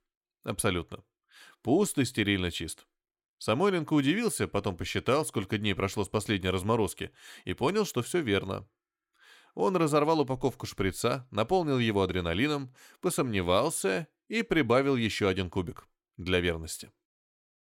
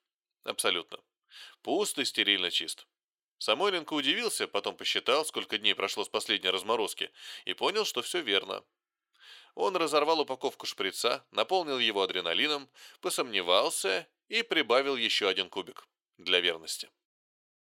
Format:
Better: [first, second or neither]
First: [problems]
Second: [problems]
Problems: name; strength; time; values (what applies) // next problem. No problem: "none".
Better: first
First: none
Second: thin; somewhat; fading below 500 Hz